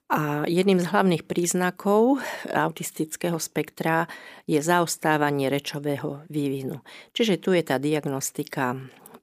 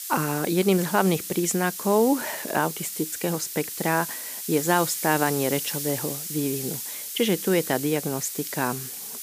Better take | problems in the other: first | hiss; loud; throughout; 6 dB below the speech

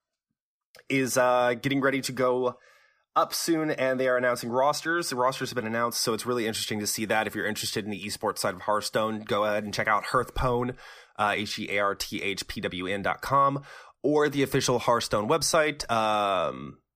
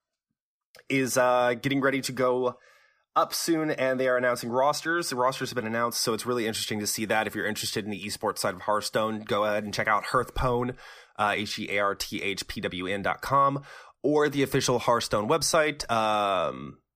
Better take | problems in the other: neither | none

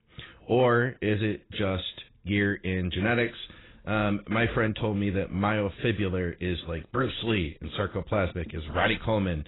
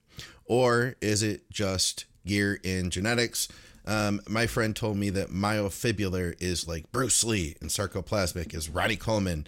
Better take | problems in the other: second | garbled, watery; badly; nothing above 4 kHz

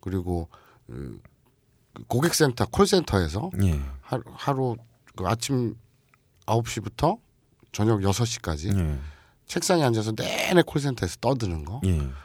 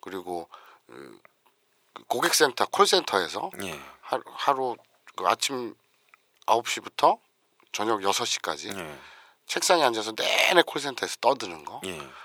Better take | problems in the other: first | thin; very; fading below 550 Hz

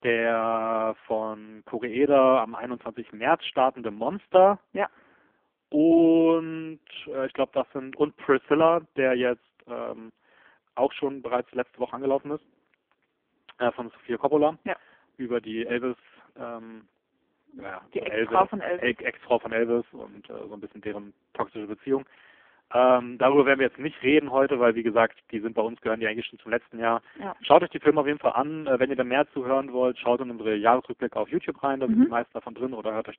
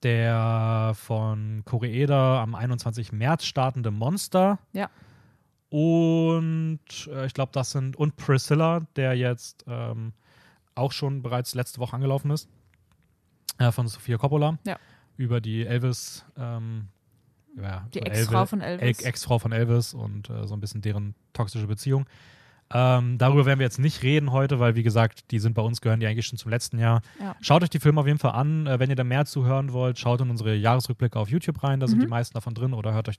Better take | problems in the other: second | phone-call audio; poor line; nothing above 3.5 kHz

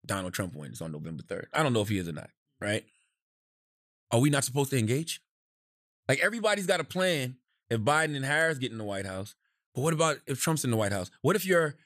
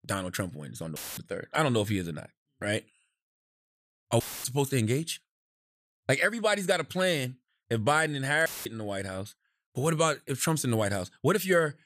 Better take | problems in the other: first | audio cutting out; filled with static; at 1 s, at 4 s and at 8.5 s

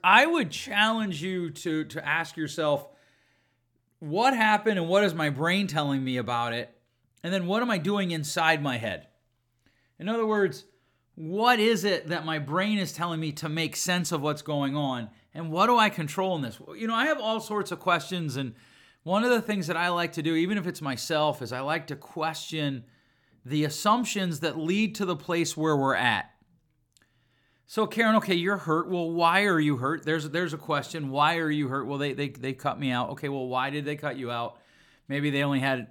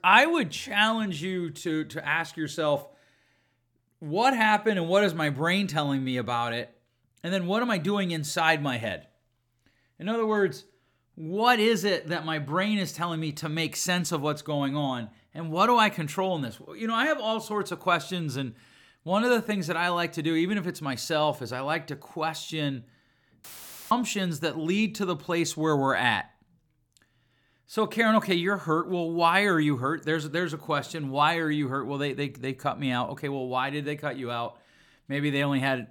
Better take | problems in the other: first | audio cutting out; filled with static; at 23 s

